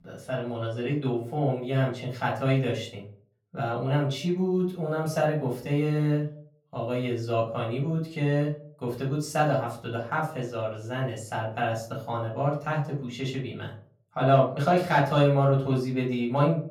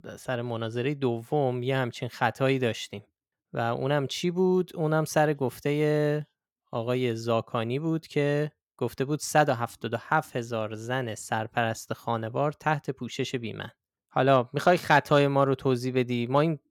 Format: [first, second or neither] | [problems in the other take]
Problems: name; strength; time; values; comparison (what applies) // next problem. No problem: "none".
second | off-mic speech; far // room echo; slight; dies away in 0.4 s